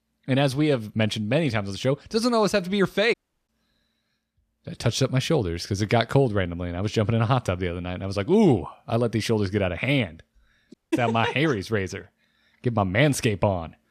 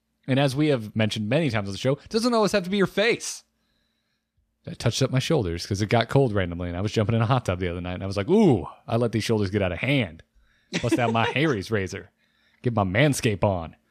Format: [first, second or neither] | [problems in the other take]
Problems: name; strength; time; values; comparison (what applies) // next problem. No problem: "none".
second | audio cutting out; at 3 s and at 11 s